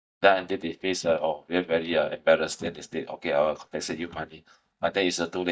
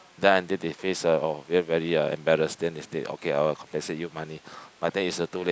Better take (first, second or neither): second